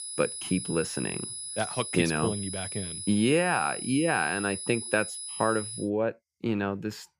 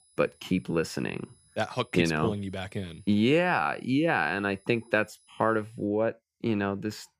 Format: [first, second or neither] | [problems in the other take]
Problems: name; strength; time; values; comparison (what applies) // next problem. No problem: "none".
second | high-pitched whine; loud; until 6 s; 10 kHz, 6 dB below the speech; faint in the second